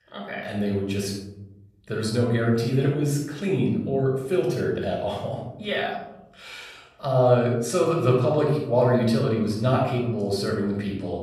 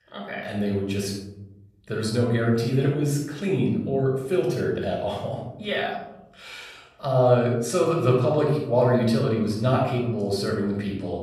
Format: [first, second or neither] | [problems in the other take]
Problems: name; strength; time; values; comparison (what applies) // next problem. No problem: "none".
neither | off-mic speech; far; the same in both // room echo; noticeable; dies away in 0.9 s; the same in both